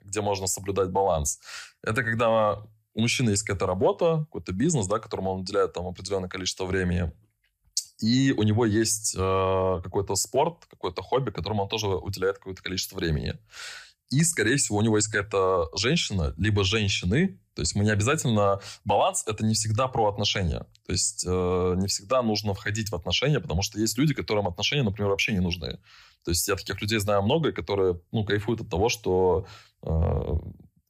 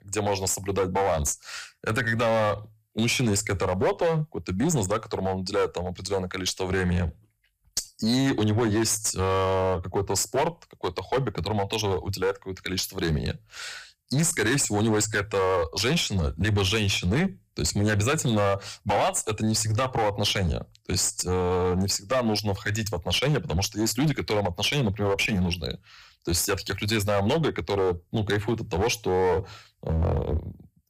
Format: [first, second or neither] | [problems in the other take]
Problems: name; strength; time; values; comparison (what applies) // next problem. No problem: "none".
first | distortion; slight; 14% of the sound clipped